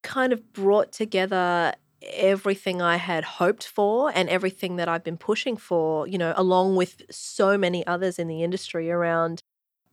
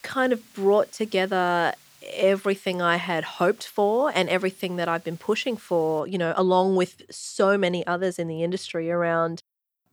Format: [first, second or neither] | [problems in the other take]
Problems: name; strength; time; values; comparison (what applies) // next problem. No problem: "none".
first | hiss; faint; until 6 s; 30 dB below the speech